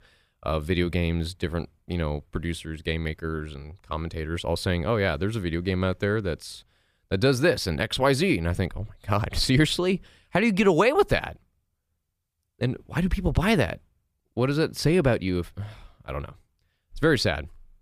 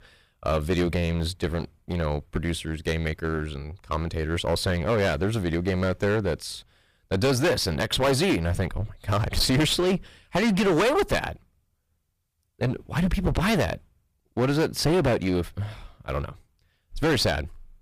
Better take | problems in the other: first | distortion; heavy; 12% of the sound clipped

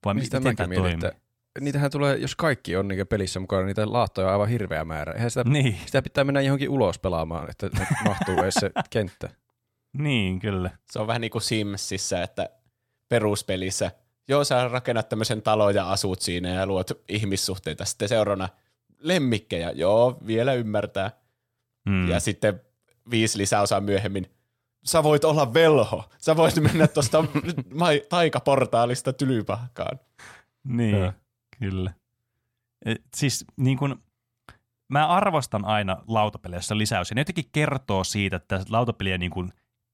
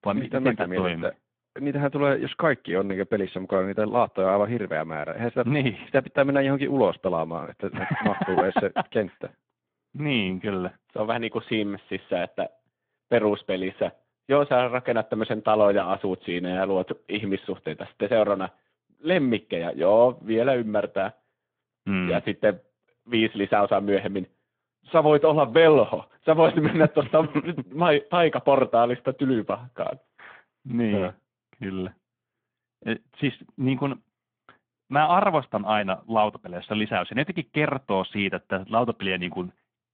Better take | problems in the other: first | phone-call audio

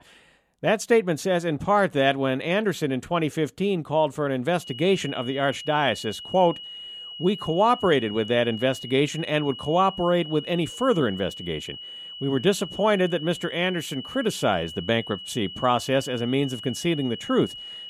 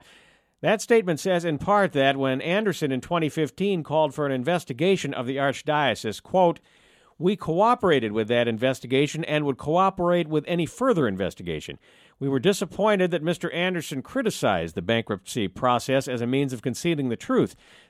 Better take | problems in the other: second | high-pitched whine; noticeable; from 4.5 s on; 3 kHz, 10 dB below the speech

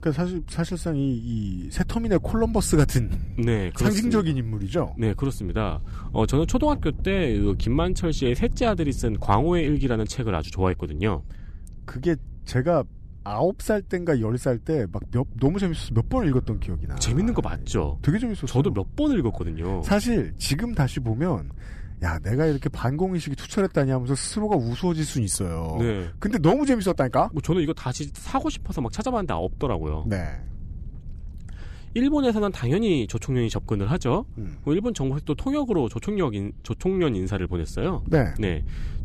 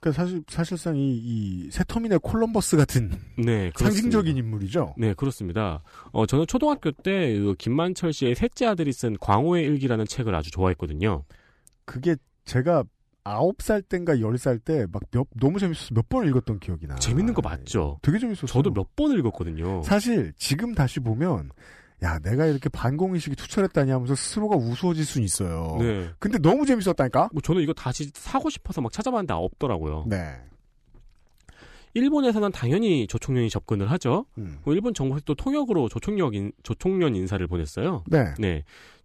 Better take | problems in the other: second | wind noise on the microphone; occasional gusts; 25 dB below the speech

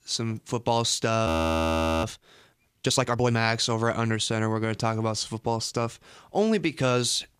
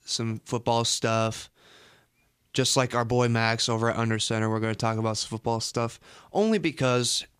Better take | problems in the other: second | audio freezing; at 1.5 s for 1 s

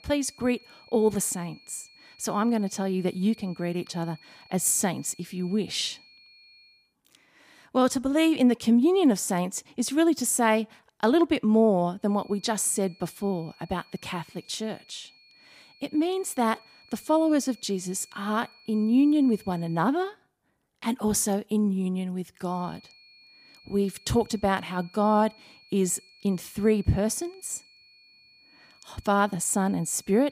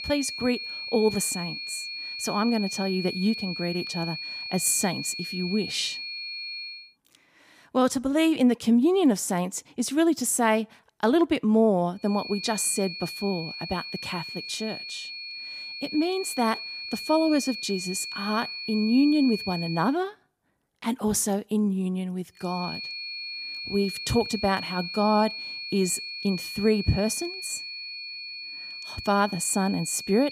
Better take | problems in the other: first | high-pitched whine; loud; until 7 s, from 12 to 20 s and from 23 s on; 4.5 kHz, 7 dB below the speech; faint in the first

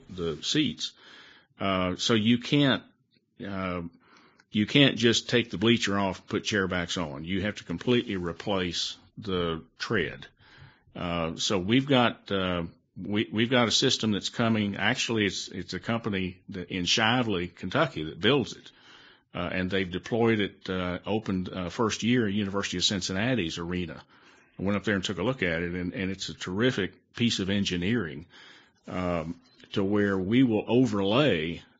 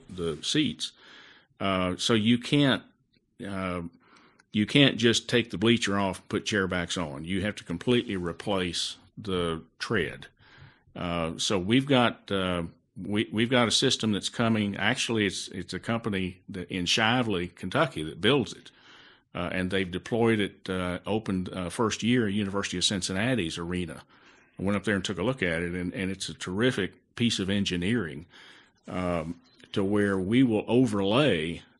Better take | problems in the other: second | garbled, watery; badly; nothing above 7.5 kHz; slightly in the second

